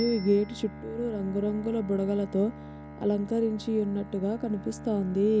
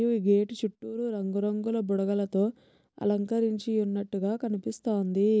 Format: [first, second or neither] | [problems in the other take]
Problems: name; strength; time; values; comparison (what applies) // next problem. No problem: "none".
second | background sound (Bicycle bell + Bowed string instrument); 14 dB below the speech